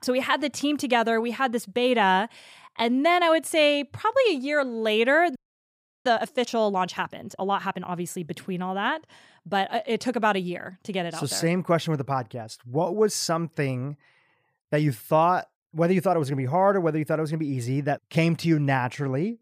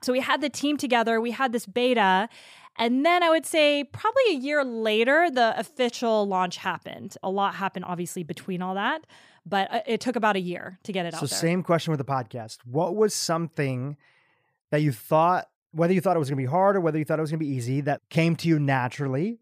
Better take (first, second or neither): second